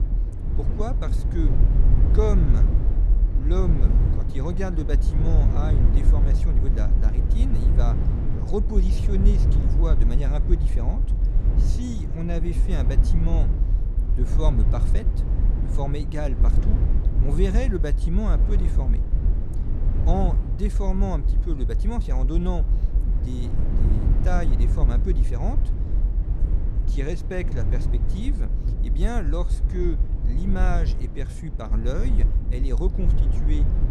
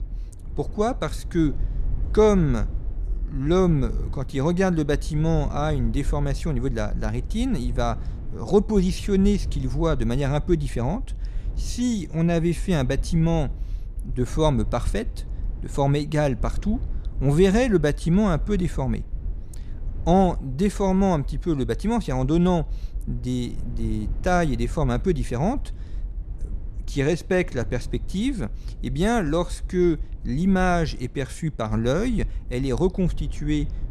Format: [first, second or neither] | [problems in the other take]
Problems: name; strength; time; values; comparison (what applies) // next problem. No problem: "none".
second | low rumble; loud; throughout; 5 dB below the speech; faint in the second